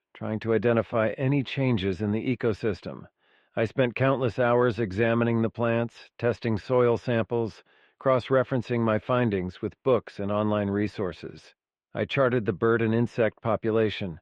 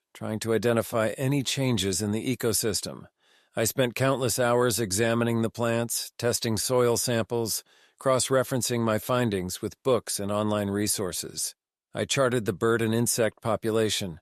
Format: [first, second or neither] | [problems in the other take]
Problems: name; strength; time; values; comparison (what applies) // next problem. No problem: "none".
second | muffled; very; fading above 2.5 kHz